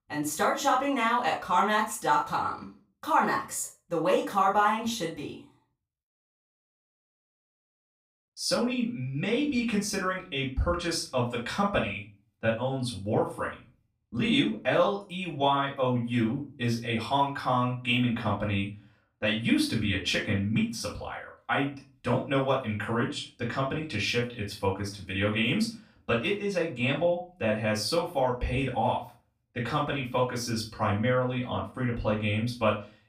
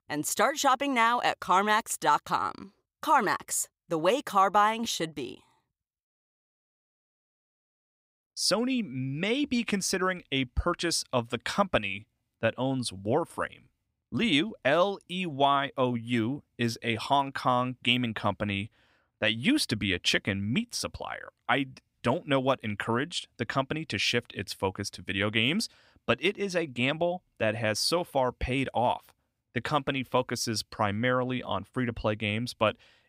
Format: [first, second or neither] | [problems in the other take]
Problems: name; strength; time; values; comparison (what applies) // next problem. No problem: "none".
second | off-mic speech; far // room echo; slight; dies away in 0.3 s